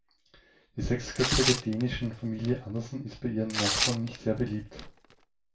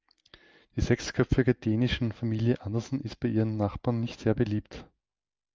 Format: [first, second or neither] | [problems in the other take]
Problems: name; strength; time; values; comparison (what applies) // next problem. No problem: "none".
second | background sound (Tearing); 2 dB below the speech // room echo; dies away in 0.2 s